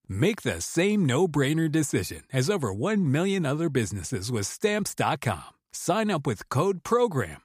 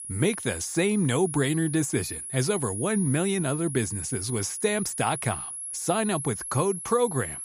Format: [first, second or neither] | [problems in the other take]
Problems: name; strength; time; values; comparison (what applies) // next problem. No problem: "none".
first | high-pitched whine; loud; throughout; 10.5 kHz, 6 dB below the speech